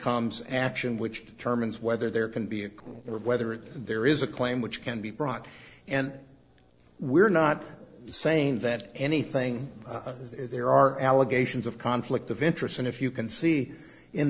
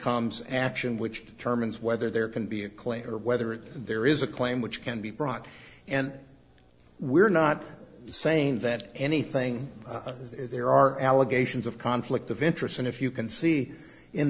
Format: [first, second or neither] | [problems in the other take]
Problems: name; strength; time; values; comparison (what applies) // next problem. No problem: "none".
second | noise reduction (neural separator model SepFormer DNS4)